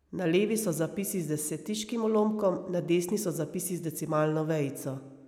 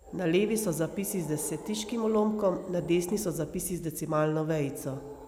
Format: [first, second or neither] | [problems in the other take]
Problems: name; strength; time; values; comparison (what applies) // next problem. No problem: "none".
first | background sound (Animal); 17 dB below the speech